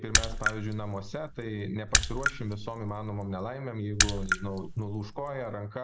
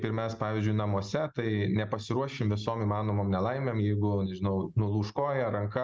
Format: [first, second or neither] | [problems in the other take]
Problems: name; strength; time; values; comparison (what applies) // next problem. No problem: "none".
second | background sound (Raindrop / Splash, splatter); 3 dB above the speech